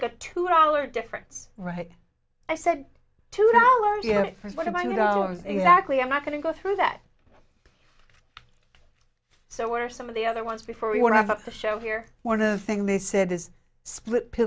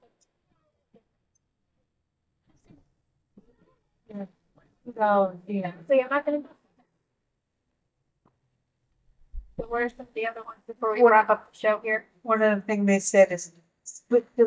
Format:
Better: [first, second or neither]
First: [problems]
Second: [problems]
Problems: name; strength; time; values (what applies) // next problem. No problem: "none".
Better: first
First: none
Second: noise reduction (neural mask model DeepFilterNet 3)